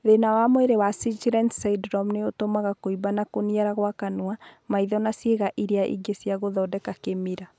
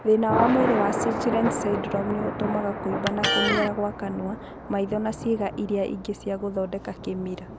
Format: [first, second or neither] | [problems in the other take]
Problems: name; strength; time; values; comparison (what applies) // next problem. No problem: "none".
first | background sound (Electric guitar + Thunder); 3 dB below the speech